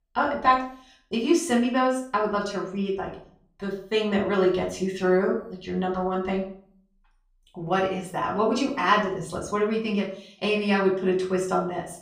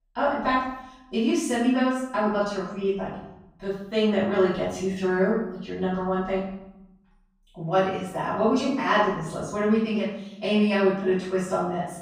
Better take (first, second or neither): first